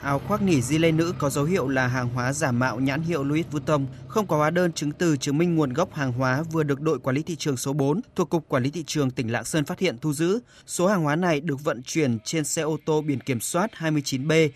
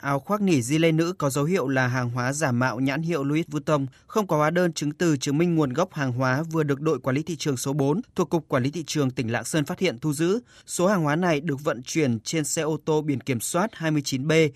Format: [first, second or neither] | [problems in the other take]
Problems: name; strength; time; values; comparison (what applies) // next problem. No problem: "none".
second | train or aircraft noise; noticeable; throughout; 15 dB below the speech